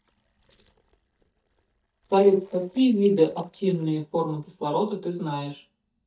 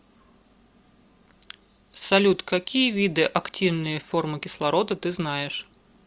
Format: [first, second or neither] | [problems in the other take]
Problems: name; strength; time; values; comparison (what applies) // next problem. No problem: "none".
second | noise reduction (neural mask model DeepFilterNet 3)